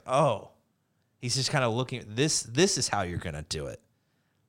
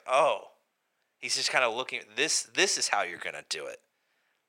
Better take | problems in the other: first | thin; very; fading below 550 Hz

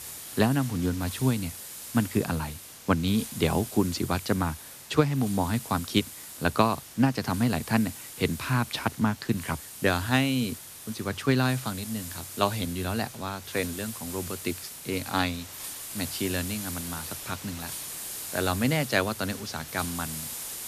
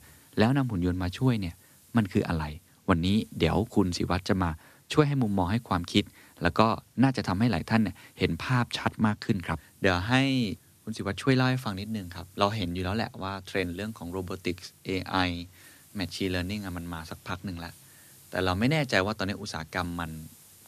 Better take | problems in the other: second | hiss; loud; throughout; 9 dB below the speech; faint in the second

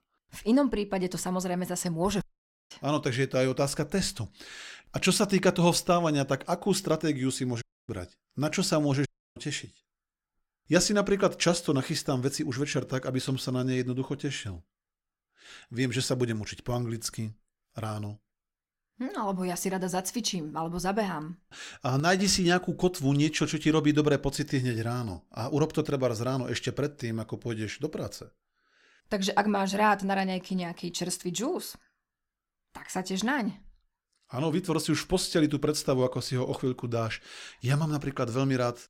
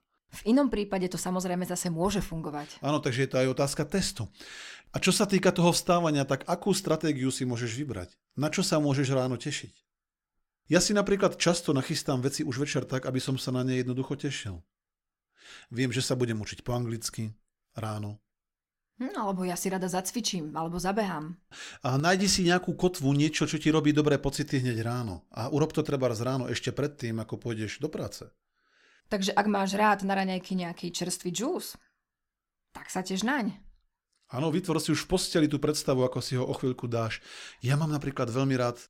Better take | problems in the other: second | audio cutting out; at 2 s, at 7.5 s and at 9 s

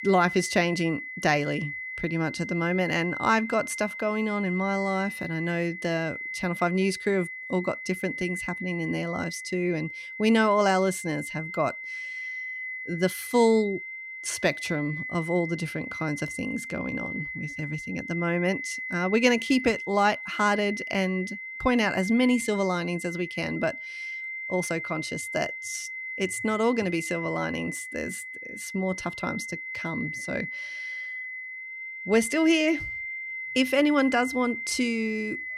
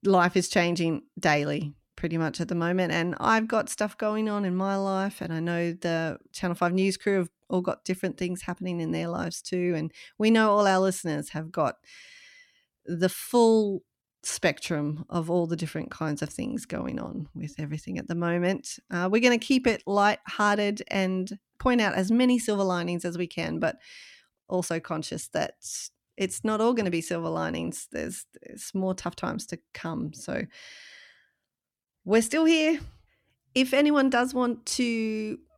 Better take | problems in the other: second | high-pitched whine; loud; throughout; 2 kHz, 7 dB below the speech

